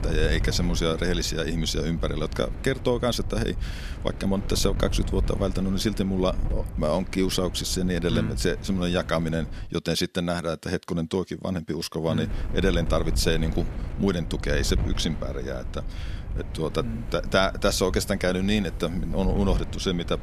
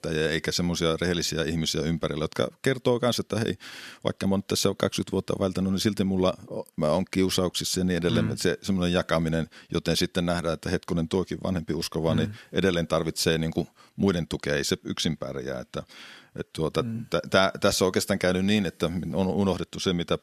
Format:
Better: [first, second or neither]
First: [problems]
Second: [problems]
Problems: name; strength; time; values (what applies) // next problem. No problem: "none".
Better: second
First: wind noise on the microphone; occasional gusts; until 9.5 s and from 12 s on; 15 dB below the speech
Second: none